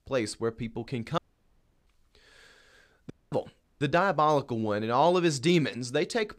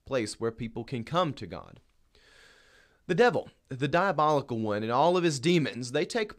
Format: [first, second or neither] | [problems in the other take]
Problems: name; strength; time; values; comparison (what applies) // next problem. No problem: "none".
second | audio cutting out; at 1 s for 0.5 s, at 3 s and at 3.5 s